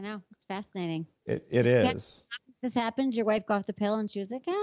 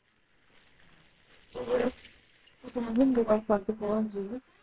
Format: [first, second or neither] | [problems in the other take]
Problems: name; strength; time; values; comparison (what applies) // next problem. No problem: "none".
first | noise reduction (neural separator model SepFormer WHAMR!)